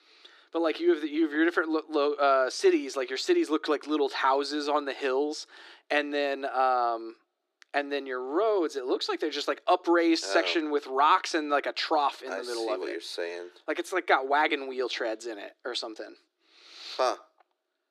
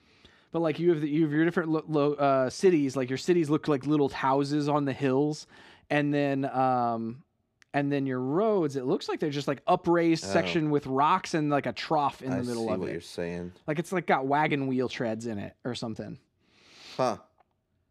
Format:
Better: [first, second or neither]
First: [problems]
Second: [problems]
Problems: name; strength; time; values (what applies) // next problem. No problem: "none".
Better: second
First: thin; somewhat; fading below 300 Hz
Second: none